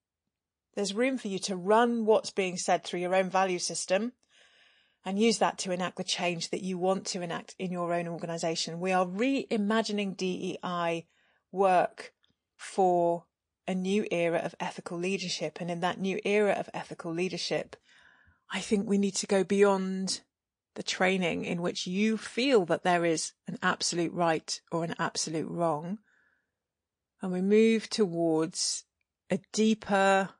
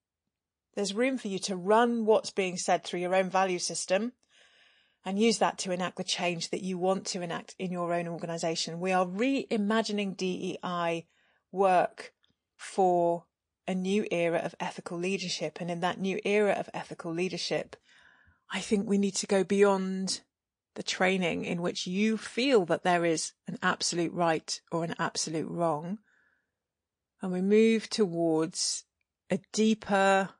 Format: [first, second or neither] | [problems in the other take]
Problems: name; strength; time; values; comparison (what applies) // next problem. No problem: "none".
neither | garbled, watery; slightly; nothing above 8.5 kHz; the same in both